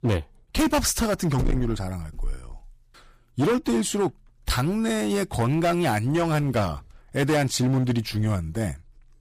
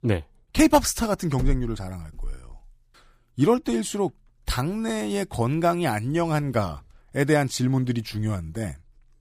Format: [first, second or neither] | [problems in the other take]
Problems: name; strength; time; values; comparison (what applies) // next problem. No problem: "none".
second | distortion; heavy; 11% of the sound clipped